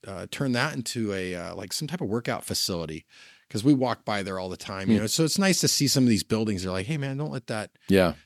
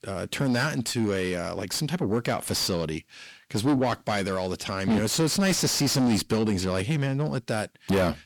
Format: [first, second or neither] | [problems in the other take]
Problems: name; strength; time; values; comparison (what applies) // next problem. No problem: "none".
first | distortion; heavy; 7 dB below the speech